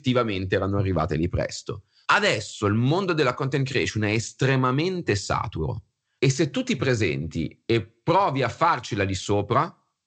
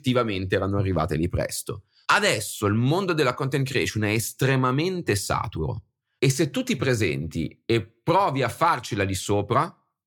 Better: second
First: garbled, watery; slightly; nothing above 8 kHz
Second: none

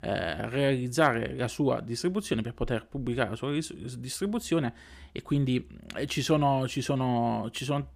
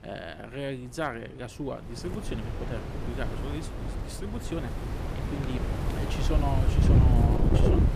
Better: first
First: none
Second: wind noise on the microphone; heavy; 1 dB above the speech

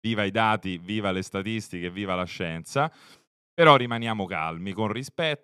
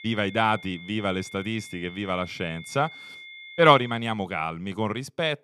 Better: first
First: none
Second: high-pitched whine; noticeable; until 4 s; 2 kHz, 15 dB below the speech

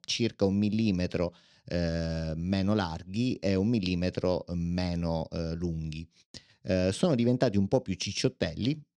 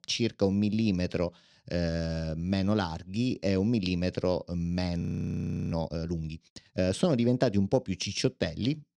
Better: first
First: none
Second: audio freezing; at 5 s for 0.5 s

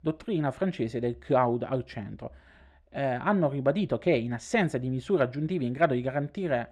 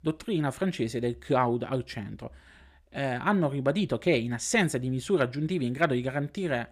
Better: second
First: muffled; slightly; fading above 2.5 kHz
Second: none

